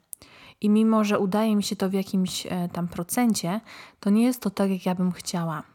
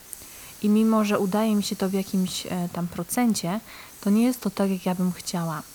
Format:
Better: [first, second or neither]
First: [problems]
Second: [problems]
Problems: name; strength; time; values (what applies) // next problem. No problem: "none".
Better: first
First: none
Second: hiss; noticeable; throughout; 20 dB below the speech